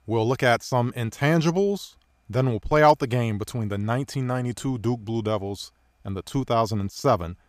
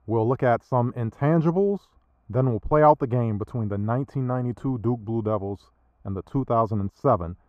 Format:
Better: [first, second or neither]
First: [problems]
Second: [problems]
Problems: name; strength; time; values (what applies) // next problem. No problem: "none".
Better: first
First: none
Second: muffled; very; fading above 2 kHz